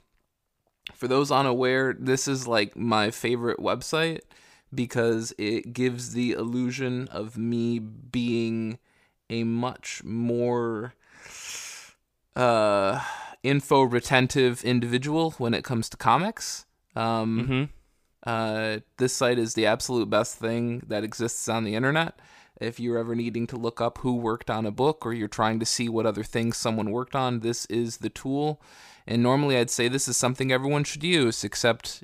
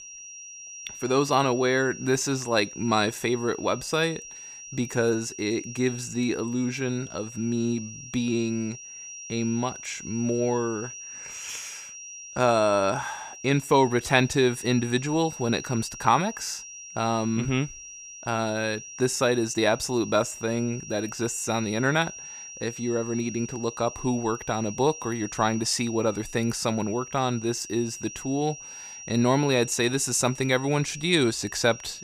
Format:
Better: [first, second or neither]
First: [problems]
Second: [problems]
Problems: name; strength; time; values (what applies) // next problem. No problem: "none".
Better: first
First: none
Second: high-pitched whine; noticeable; throughout; 5.5 kHz, 15 dB below the speech